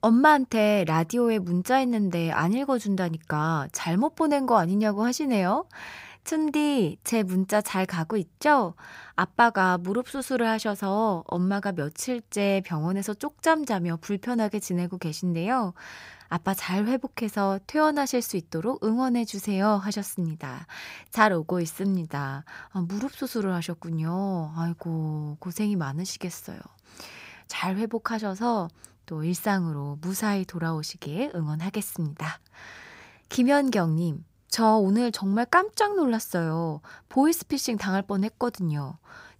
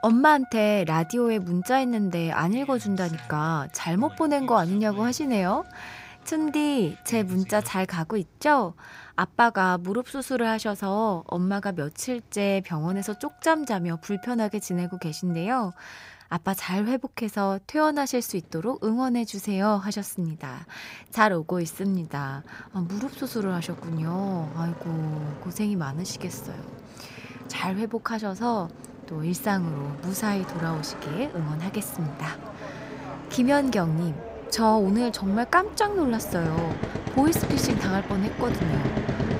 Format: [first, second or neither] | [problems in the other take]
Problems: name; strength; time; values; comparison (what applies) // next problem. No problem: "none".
first | traffic noise; noticeable; throughout; 10 dB below the speech